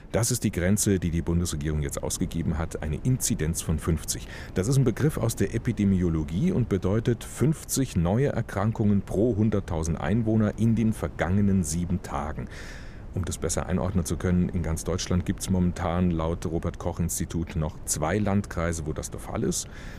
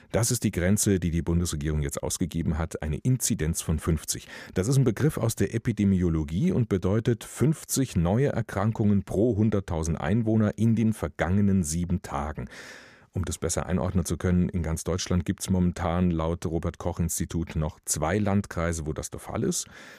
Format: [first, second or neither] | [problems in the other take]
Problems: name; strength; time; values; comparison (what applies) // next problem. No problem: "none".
second | wind noise on the microphone; occasional gusts; 20 dB below the speech